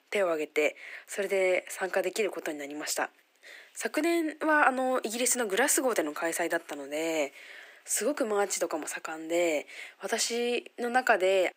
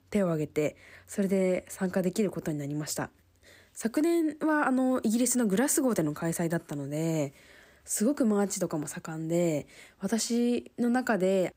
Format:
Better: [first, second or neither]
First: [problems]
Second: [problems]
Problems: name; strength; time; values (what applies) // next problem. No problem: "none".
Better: second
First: thin; very; fading below 350 Hz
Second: none